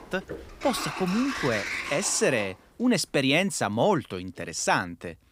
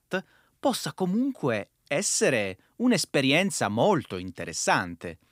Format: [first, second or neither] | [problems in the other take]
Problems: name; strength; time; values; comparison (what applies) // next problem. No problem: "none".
second | household noises; loud; throughout; 7 dB below the speech